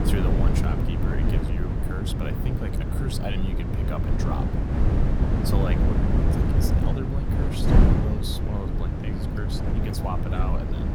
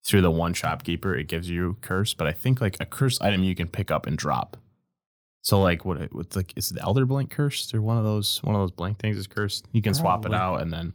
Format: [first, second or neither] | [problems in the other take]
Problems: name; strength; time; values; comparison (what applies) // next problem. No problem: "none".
second | wind noise on the microphone; heavy; 3 dB above the speech